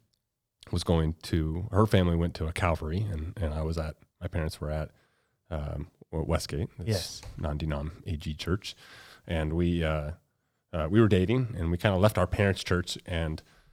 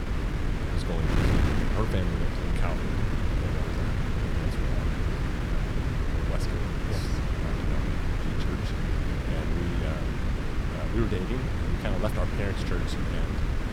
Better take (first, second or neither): first